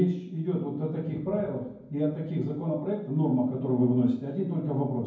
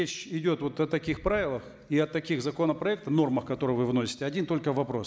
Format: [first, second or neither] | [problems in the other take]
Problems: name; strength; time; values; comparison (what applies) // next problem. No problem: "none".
second | room echo; dies away in 0.9 s